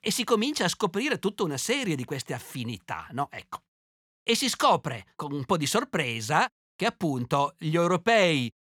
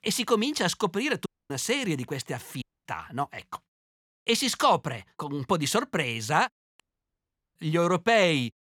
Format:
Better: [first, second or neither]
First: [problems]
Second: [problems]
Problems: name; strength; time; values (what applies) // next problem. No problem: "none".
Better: first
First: none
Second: audio cutting out; at 1.5 s, at 2.5 s and at 7 s for 1 s